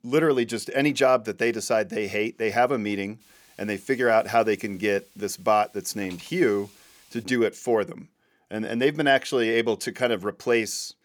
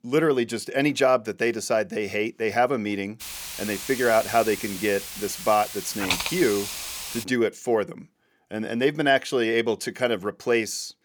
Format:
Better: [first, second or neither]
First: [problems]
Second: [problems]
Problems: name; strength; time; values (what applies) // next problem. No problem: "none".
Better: first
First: hiss; faint; from 3 to 7 s; 30 dB below the speech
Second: hiss; loud; from 3 to 7 s; 7 dB below the speech